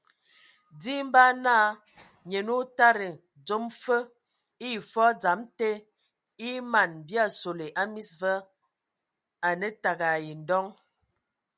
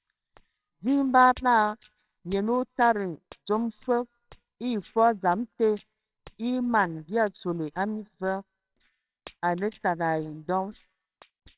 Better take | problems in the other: first | noise reduction (neural separator model SepFormer WHAMR!)

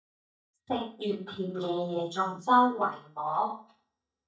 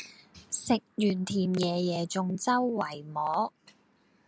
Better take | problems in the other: second | noise reduction (neural mask model DeepFilterNet 3)

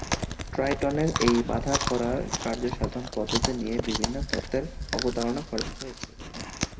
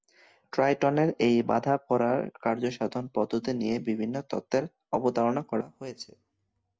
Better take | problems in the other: second | background sound (Chewing, mastication); 2 dB below the speech // room echo; dies away in 1.3 s

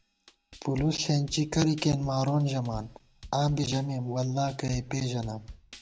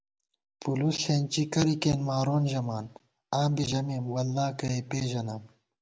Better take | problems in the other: second | background sound (Drum kit); 19 dB below the speech

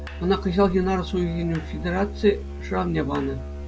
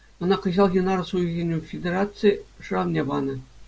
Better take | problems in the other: second | background sound (Musical instrument); 9 dB below the speech

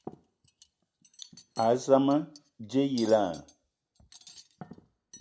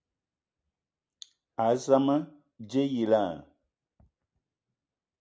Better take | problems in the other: second | background sound (Cutlery, silverware); 19 dB below the speech

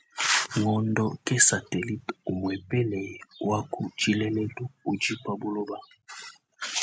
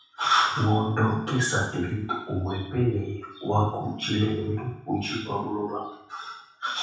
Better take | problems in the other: first | room echo; dies away in 0.7 s

